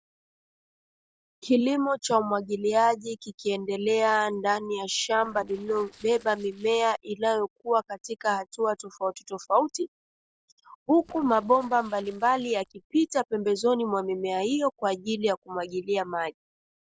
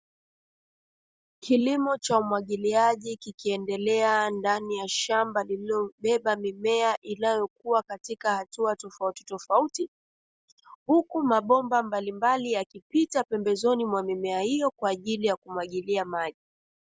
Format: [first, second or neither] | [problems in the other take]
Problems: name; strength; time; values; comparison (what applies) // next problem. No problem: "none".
second | noise reduction (neural separator model SepFormer DNS4)